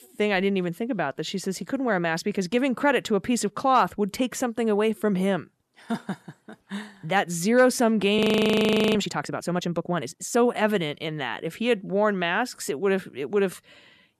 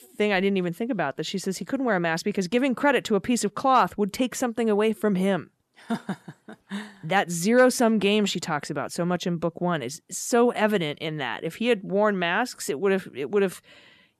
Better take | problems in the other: second | audio freezing; at 8 s for 1 s

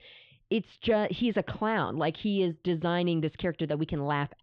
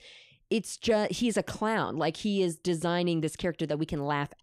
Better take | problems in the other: second | muffled; very; fading above 3.5 kHz

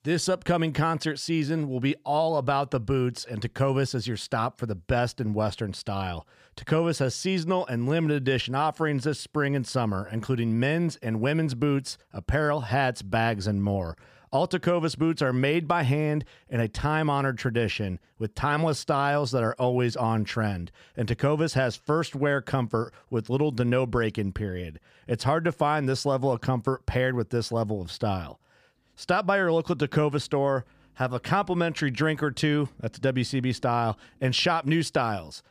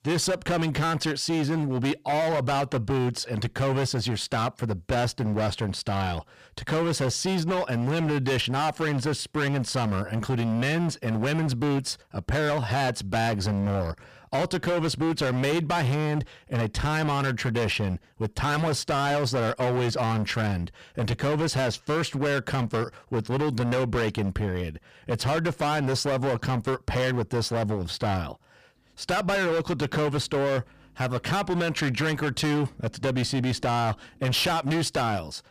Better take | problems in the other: first | distortion; heavy; 24% of the sound clipped

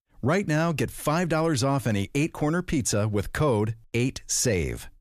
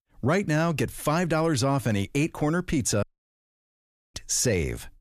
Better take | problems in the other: first | audio cutting out; at 3 s for 1 s

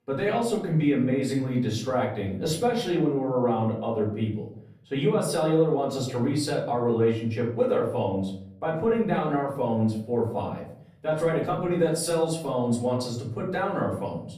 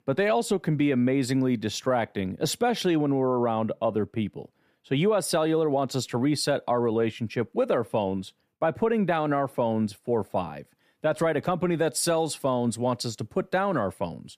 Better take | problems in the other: second | off-mic speech; far // room echo; slight; dies away in 0.7 s

